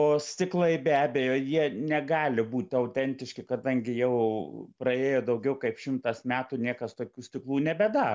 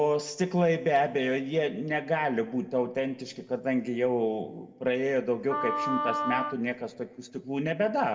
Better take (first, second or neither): first